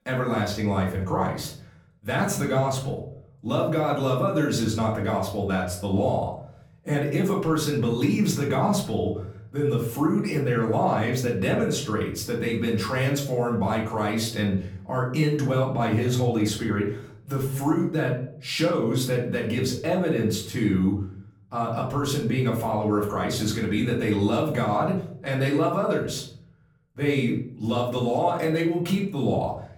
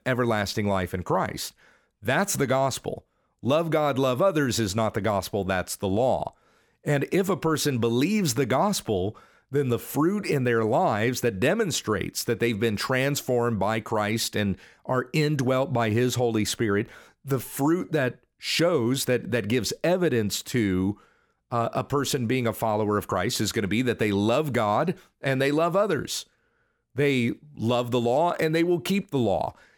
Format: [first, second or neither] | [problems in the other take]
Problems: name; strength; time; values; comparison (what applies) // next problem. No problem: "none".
second | off-mic speech; far // room echo; slight; dies away in 0.7 s